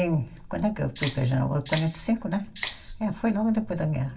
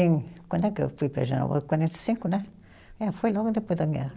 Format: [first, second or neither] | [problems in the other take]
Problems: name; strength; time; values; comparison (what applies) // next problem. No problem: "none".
second | background sound (Rattle (instrument)); 11 dB below the speech // room echo; dies away in 0.2 s